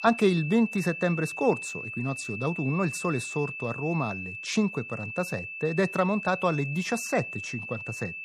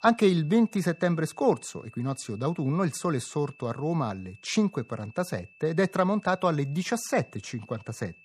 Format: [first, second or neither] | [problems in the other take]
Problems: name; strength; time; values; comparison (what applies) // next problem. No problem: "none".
second | high-pitched whine; loud; throughout; 2.5 kHz, 7 dB below the speech; faint in the second